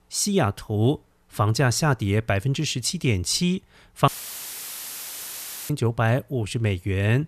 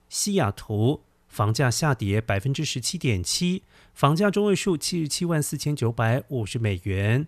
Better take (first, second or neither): second